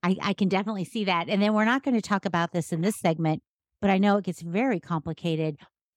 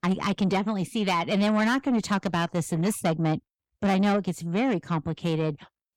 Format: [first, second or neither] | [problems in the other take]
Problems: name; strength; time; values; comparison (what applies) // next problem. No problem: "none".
first | distortion; slight; 10 dB below the speech